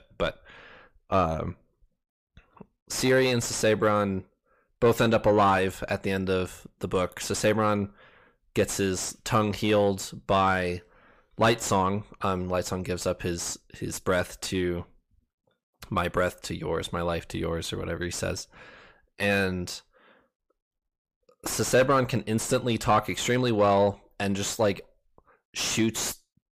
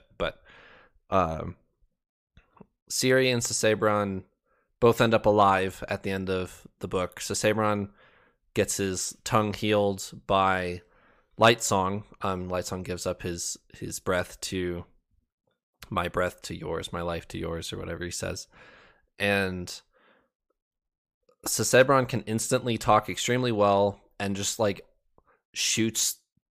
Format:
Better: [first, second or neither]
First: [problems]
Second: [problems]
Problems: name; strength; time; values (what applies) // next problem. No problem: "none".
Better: second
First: distortion; slight; 10 dB below the speech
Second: none